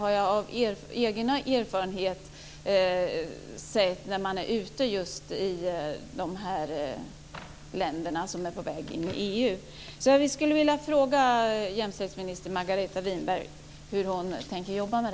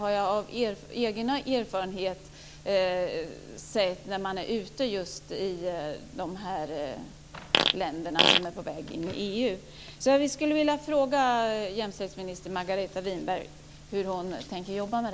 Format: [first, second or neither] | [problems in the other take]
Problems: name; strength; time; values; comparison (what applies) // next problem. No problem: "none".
first | background sound (Fart); 4 dB above the speech